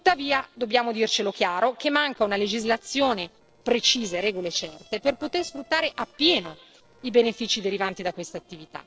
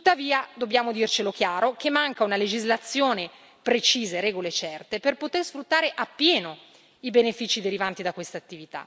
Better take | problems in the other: second | noise reduction (neural separator model SepFormer DNS4)

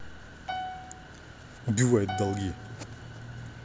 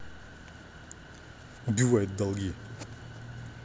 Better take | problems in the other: second | background sound (Piano); 9 dB below the speech

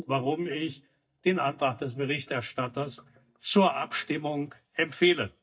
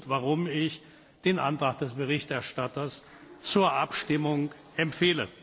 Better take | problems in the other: second | noise reduction (neural mask model DeepFilterNet 3)

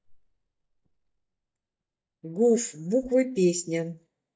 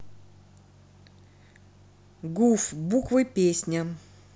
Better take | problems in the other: second | noise reduction (neural mask model DeepFilterNet 3)

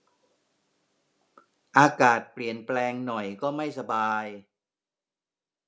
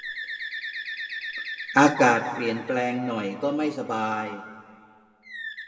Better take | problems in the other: first | background sound (Bird); 11 dB below the speech // room echo; dies away in 1.7 s

